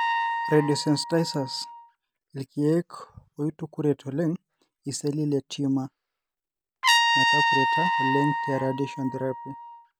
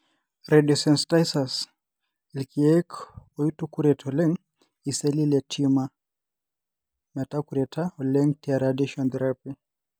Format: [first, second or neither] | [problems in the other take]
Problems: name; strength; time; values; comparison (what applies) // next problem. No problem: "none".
second | background sound (Trumpet); as loud as the speech